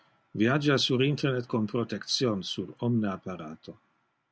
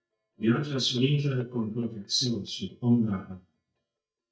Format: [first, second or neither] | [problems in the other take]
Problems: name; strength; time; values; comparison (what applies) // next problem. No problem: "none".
first | noise reduction (neural mask model DeepFilterNet 3)